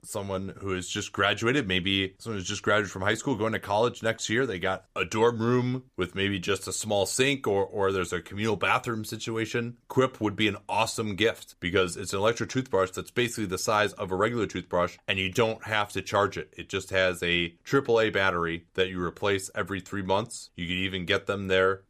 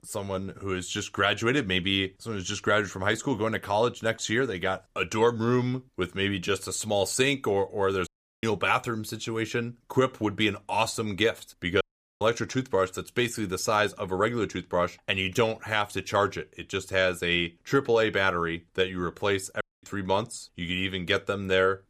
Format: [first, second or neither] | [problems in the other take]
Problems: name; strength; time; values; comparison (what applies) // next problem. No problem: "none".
first | audio cutting out; at 8 s, at 12 s and at 20 s